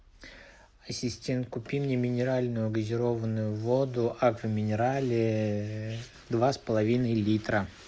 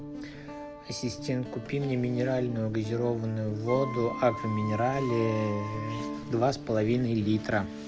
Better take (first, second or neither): first